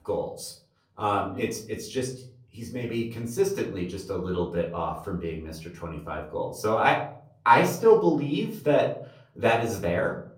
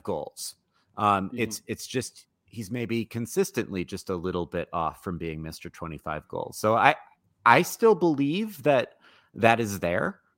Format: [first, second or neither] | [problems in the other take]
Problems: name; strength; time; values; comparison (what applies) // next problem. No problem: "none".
second | off-mic speech; far // room echo; slight; dies away in 0.5 s